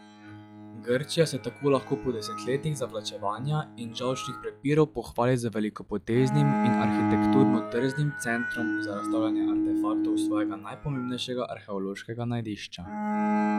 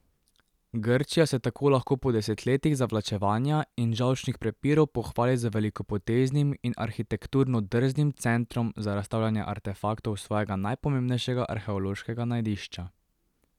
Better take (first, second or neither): second